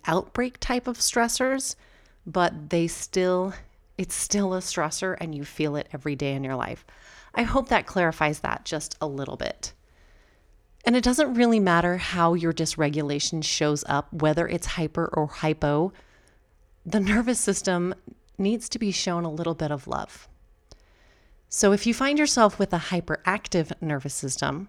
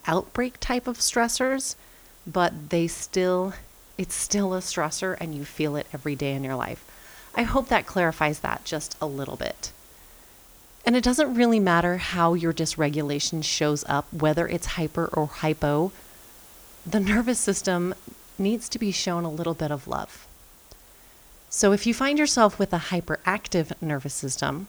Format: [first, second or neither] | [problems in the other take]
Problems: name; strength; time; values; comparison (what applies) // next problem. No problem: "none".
first | hiss; faint; throughout; 25 dB below the speech